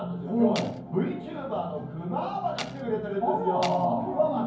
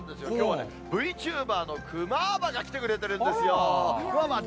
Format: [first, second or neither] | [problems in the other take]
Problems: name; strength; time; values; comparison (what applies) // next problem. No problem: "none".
second | background sound (Tools); 13 dB below the speech // room echo; dies away in 0.9 s